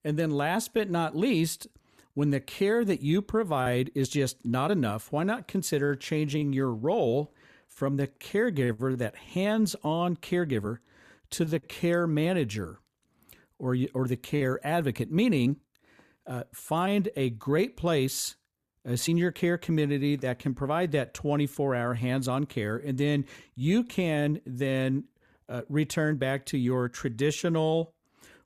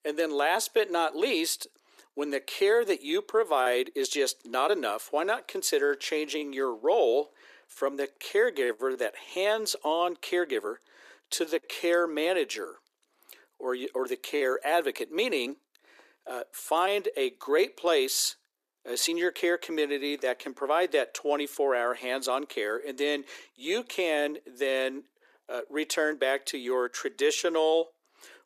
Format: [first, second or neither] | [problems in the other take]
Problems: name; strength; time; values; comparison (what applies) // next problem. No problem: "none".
first | thin; very; fading below 350 Hz